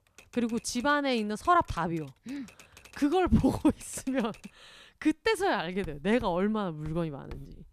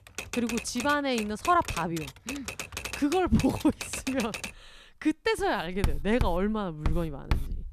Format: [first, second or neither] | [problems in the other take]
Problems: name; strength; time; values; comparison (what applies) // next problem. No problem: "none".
first | household noises; loud; throughout; 8 dB below the speech; faint in the first